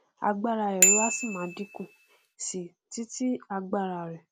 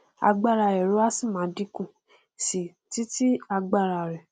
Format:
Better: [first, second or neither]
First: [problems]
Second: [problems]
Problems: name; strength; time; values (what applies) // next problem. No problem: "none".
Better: second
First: background sound (Bicycle bell); 2 dB above the speech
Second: none